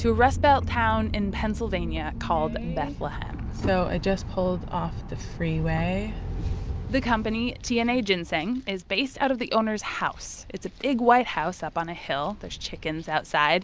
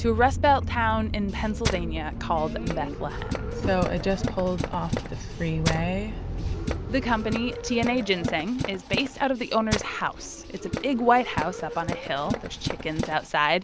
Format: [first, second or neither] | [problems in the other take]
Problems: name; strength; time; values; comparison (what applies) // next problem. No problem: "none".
first | background sound (Tools); 7 dB below the speech